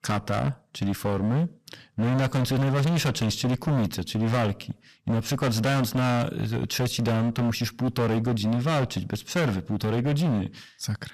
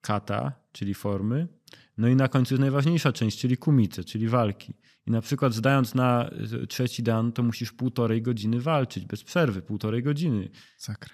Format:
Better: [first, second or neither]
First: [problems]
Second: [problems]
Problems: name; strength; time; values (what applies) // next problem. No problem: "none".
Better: second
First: distortion; heavy; 24% of the sound clipped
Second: none